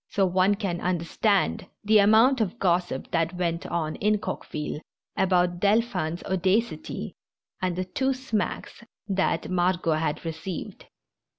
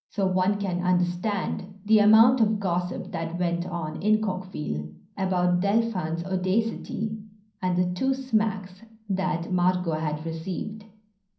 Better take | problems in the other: first | room echo; dies away in 0.6 s

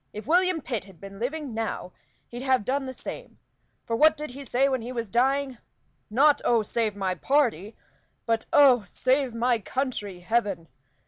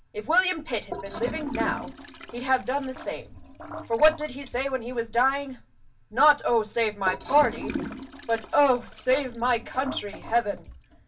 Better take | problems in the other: first | background sound (Toilet flush / Gurgling); 13 dB below the speech // room echo; dies away in 0.2 s

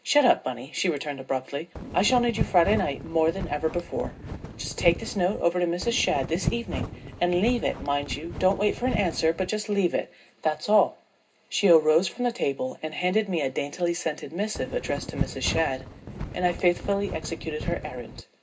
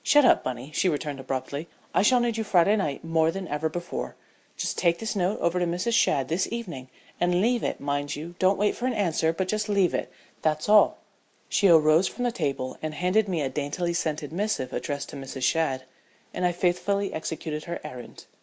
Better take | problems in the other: second | background sound (Wind); 8 dB below the speech // room echo; dies away in 0.2 s

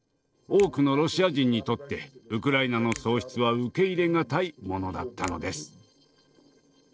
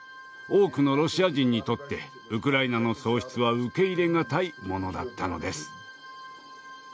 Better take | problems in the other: second | noise reduction (neural separator model SepFormer DNS4)

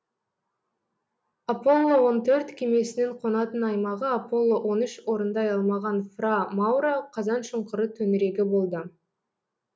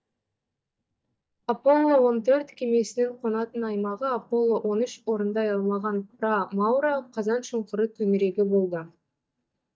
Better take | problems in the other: first | noise reduction (neural mask model DeepFilterNet 3)

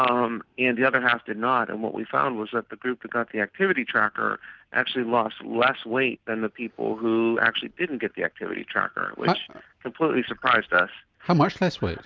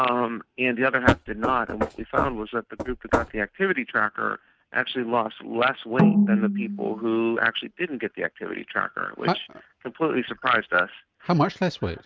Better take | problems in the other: first | noise reduction (neural mask model RNNoise)

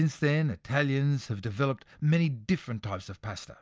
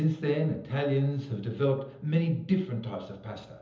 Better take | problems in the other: first | room echo; dies away in 0.7 s

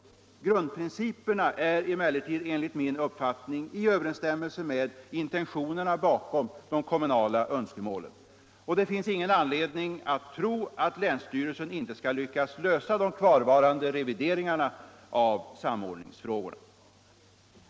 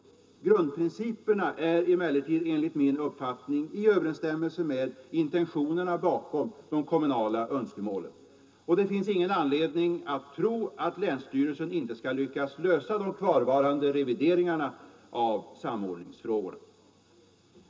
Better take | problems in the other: first | room echo; dies away in 0.2 s

